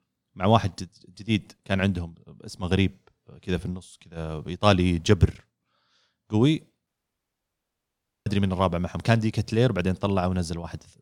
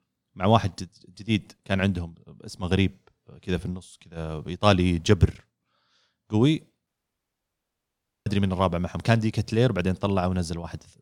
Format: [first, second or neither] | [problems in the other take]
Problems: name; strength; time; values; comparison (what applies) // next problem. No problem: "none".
neither | audio cutting out; at 7 s for 1.5 s; the same in both